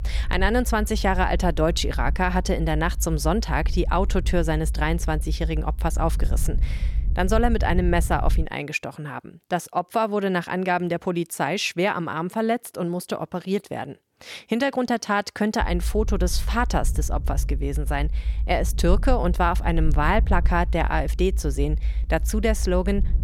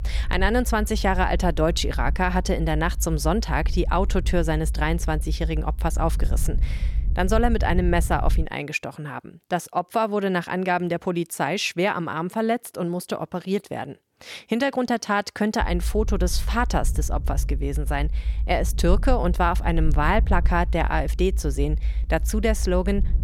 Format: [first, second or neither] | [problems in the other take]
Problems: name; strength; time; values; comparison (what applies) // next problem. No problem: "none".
neither | low rumble; faint; until 8.5 s and from 16 s on; 20 dB below the speech; the same in both